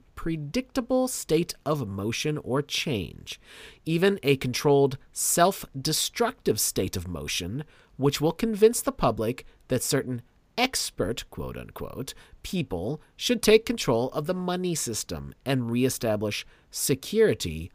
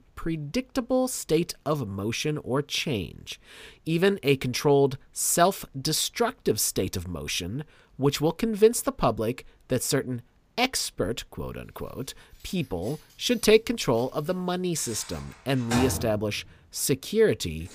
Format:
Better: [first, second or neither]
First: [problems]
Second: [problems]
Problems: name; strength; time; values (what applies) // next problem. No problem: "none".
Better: first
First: none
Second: household noises; noticeable; from 12 s on; 10 dB below the speech